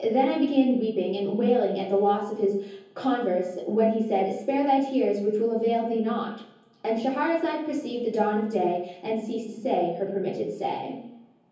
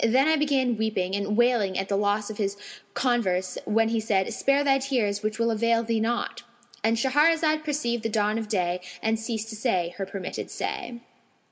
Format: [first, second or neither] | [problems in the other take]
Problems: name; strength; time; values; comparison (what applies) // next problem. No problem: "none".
second | room echo; dies away in 0.7 s